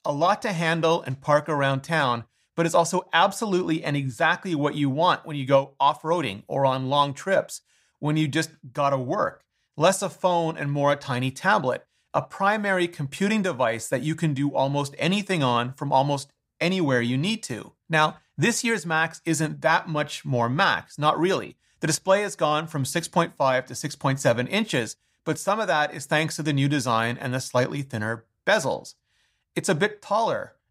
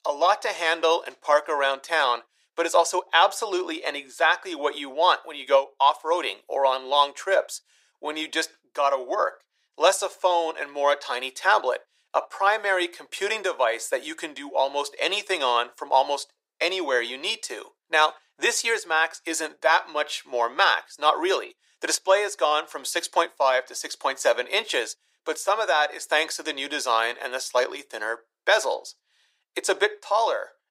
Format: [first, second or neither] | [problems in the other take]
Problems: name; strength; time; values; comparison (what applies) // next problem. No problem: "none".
first | thin; very; fading below 400 Hz